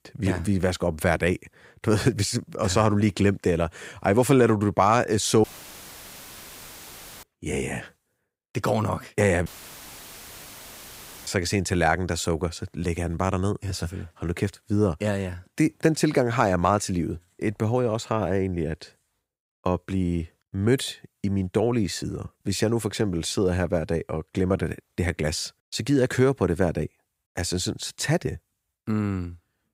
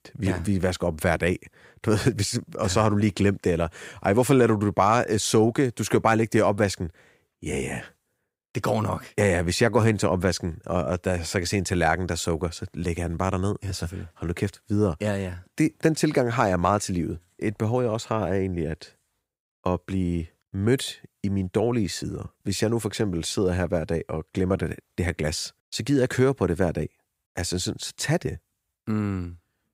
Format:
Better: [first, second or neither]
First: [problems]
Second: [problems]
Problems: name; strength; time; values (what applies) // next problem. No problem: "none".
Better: second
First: audio cutting out; filled with static; at 5.5 s for 2 s and at 9.5 s for 2 s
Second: none